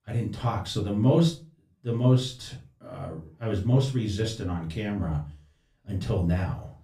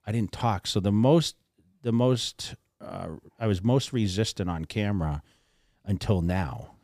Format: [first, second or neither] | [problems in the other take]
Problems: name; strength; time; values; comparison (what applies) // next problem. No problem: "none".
second | off-mic speech; far // room echo; slight; dies away in 0.3 s